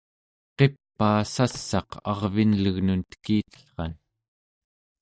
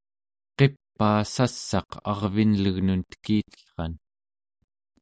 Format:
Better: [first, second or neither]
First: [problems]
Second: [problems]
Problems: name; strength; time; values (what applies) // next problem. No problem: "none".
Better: second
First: noise reduction (neural mask model DeepFilterNet 3)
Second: none